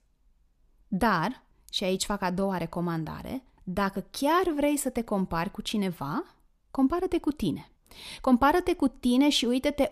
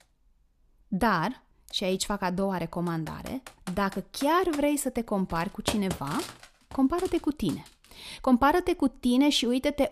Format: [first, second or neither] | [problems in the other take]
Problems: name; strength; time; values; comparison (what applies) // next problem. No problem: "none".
first | keyboard typing; noticeable; from 3 to 7.5 s; peak 6 dB below the speech